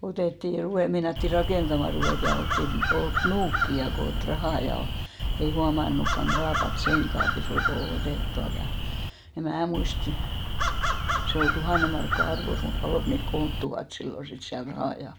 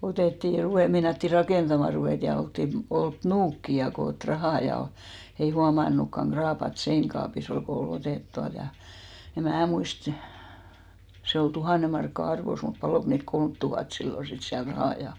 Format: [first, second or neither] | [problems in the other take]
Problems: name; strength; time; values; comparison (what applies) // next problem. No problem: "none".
second | background sound (Crow); 2 dB above the speech